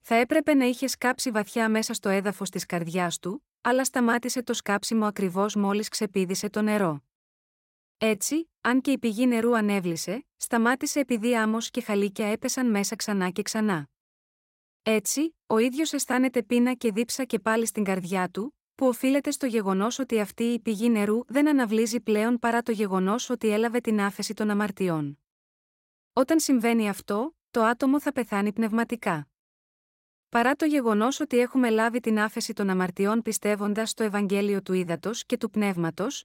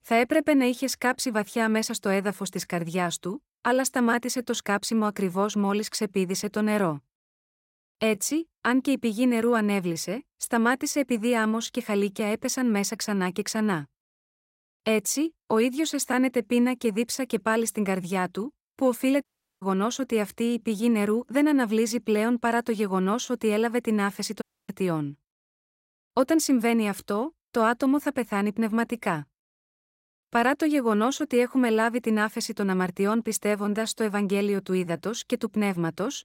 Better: first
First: none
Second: audio cutting out; at 19 s and at 24 s

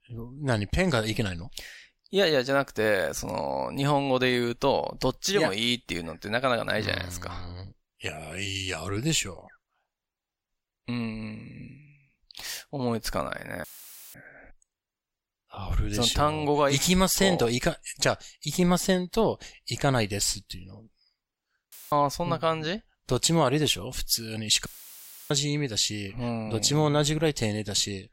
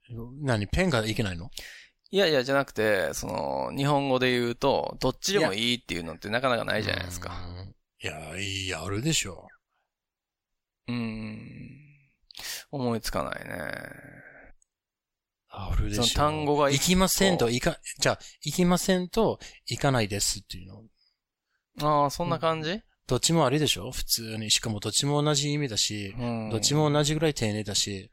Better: second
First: audio cutting out; filled with static; at 14 s for 0.5 s, at 22 s and at 25 s for 0.5 s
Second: none

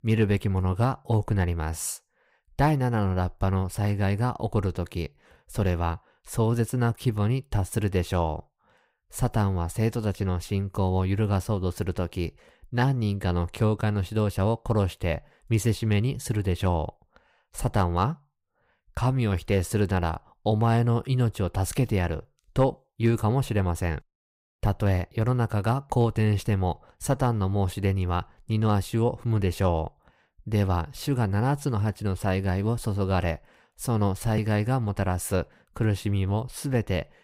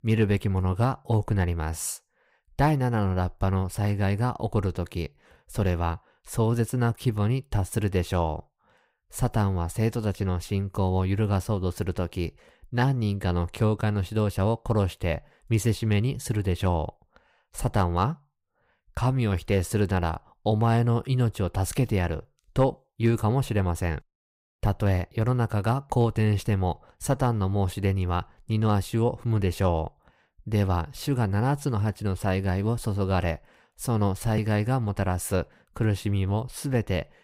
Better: neither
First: none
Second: none

